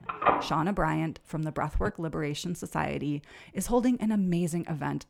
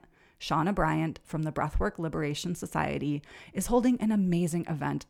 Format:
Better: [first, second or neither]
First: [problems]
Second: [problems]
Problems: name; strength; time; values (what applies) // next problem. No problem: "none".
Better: second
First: phone ringing; loud; until 2 s; peak 4 dB above the speech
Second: none